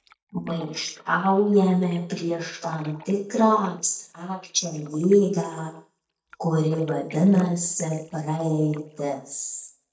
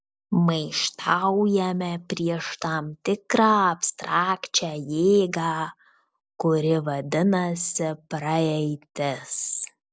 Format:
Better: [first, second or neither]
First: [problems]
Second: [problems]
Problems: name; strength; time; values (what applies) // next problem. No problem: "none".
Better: second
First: noise reduction (neural mask model DeepFilterNet 3)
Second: none